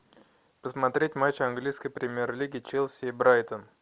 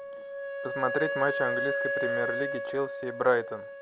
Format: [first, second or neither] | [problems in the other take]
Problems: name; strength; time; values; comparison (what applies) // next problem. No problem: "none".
first | background sound (Wind instrument, woodwind instrument); 1 dB below the speech